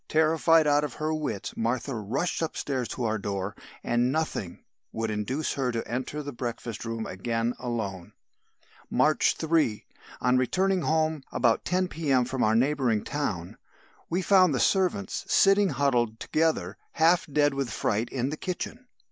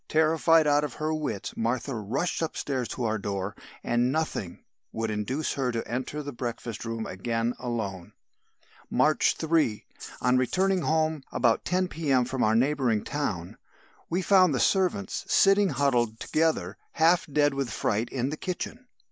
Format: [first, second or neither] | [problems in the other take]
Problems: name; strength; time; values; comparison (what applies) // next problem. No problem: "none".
first | background sound (Rattle (instrument)); 18 dB below the speech